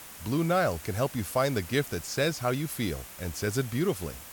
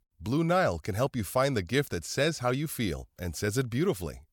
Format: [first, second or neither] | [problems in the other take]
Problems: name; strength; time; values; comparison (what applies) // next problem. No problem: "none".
second | hiss; noticeable; throughout; 15 dB below the speech